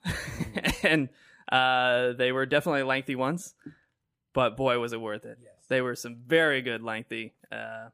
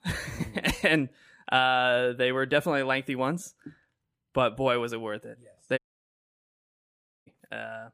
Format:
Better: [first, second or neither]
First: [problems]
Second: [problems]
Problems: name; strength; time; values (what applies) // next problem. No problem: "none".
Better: first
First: none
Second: audio cutting out; at 6 s for 1.5 s